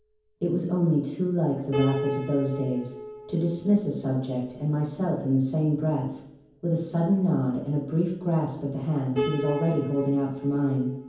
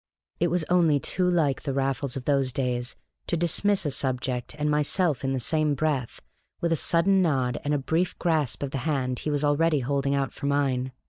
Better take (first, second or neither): second